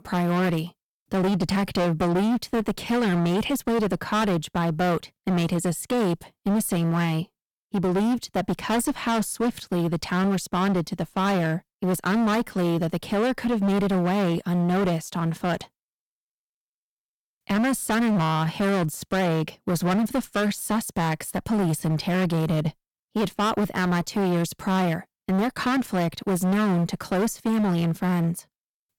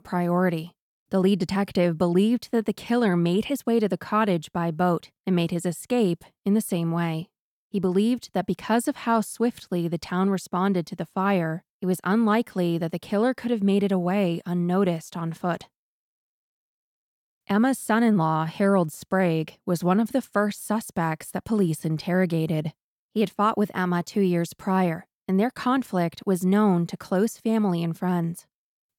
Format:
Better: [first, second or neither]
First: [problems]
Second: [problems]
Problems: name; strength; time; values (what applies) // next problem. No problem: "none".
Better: second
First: distortion; heavy; 23% of the sound clipped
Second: none